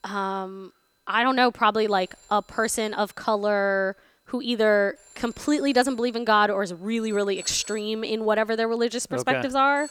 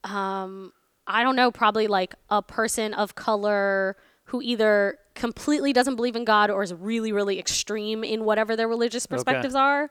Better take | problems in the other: second | alarms or sirens; faint; throughout; 20 dB below the speech

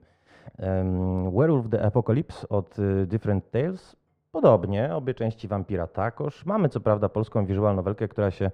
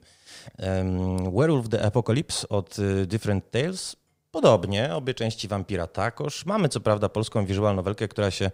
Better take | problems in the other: second | muffled; very; fading above 3 kHz

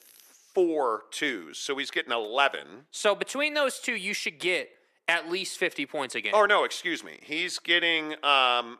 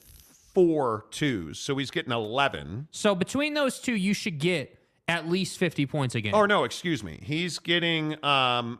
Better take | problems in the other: second | thin; somewhat; fading below 350 Hz

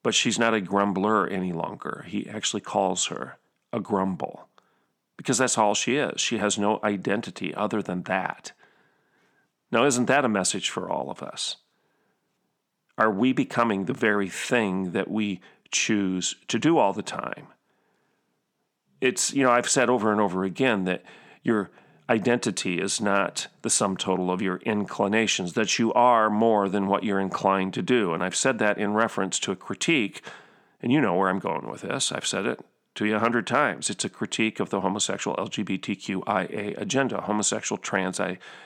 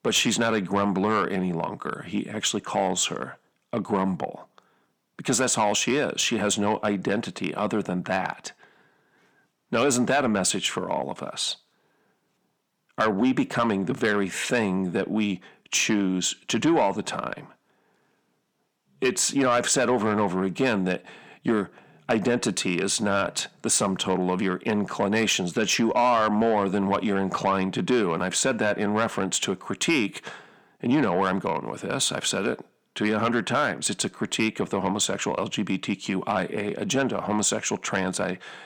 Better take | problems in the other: first | distortion; slight; 10 dB below the speech

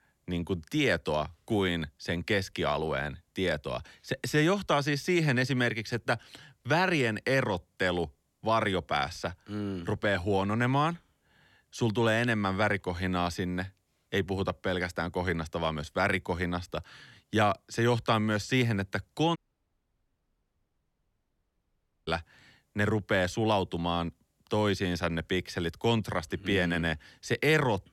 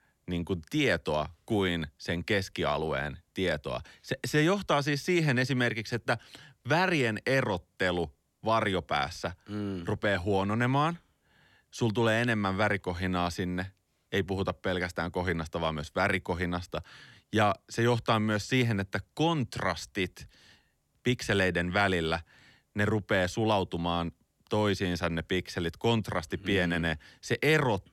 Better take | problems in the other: second | audio cutting out; at 19 s for 2.5 s

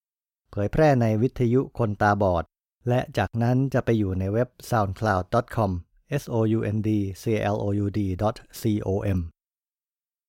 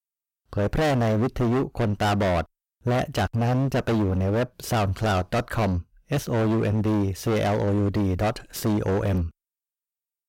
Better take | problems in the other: first | distortion; heavy; 24% of the sound clipped

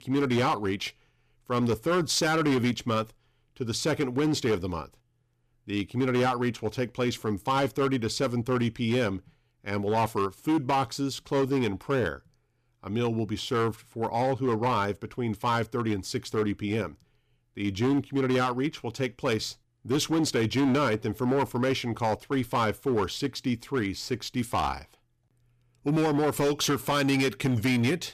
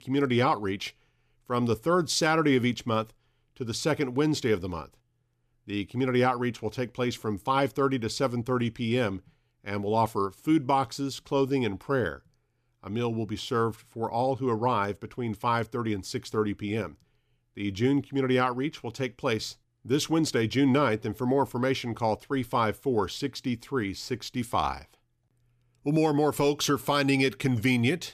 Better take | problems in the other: second | distortion; slight; 9% of the sound clipped

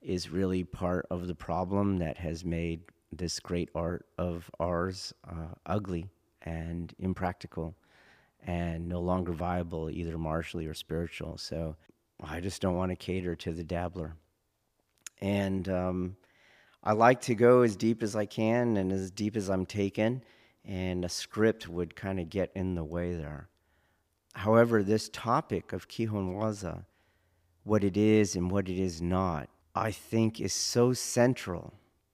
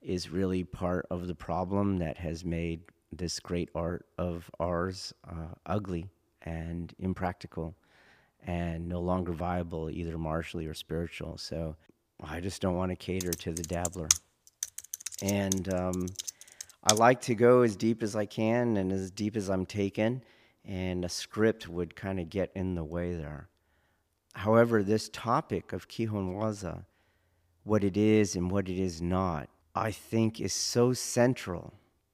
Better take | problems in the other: first | keyboard typing; loud; from 13 to 17 s; peak 5 dB above the speech

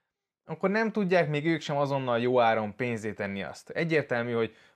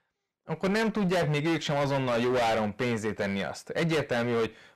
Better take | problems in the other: first | distortion; heavy; 21% of the sound clipped

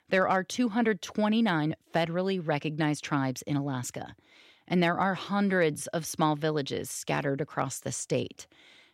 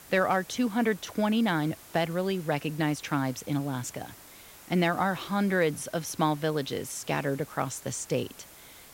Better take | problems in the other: first | hiss; noticeable; throughout; 20 dB below the speech

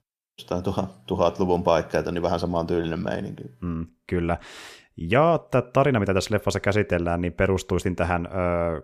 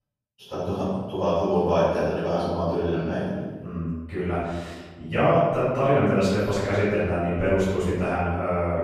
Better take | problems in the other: first | off-mic speech; far // room echo; strong; dies away in 1.1 s

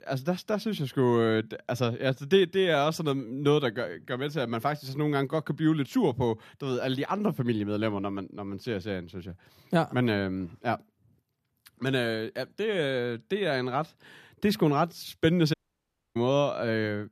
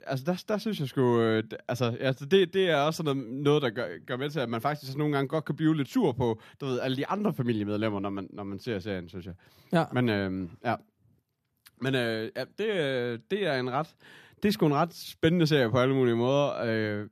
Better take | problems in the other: second | audio cutting out; at 16 s for 0.5 s

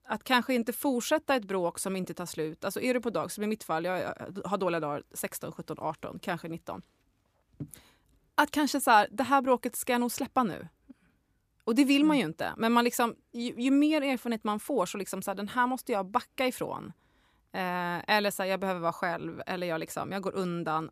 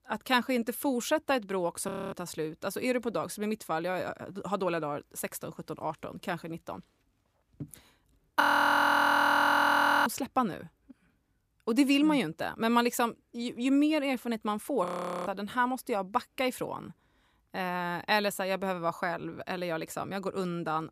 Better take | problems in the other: first | audio freezing; at 2 s, at 8.5 s for 1.5 s and at 15 s

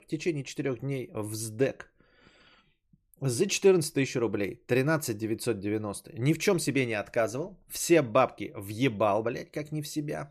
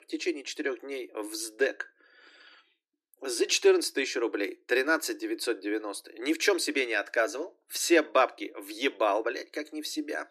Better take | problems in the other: first | thin; somewhat; fading below 300 Hz

